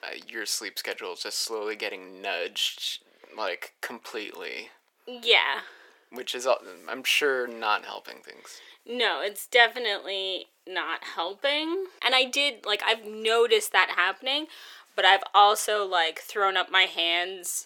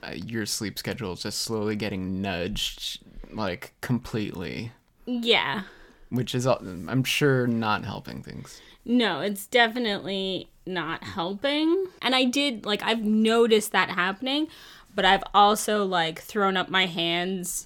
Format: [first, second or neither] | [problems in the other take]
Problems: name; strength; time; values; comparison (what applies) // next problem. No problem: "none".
second | thin; very; fading below 400 Hz